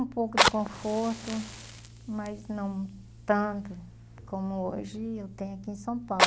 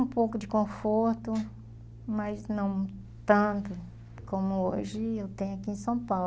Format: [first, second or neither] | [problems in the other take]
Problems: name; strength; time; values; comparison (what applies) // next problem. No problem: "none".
second | background sound (Fire); 1 dB below the speech